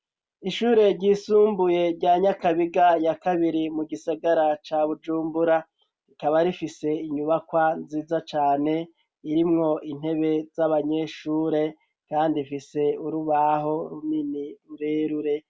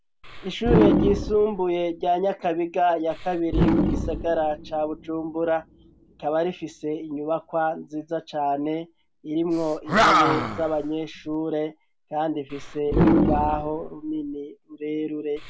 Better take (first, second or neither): first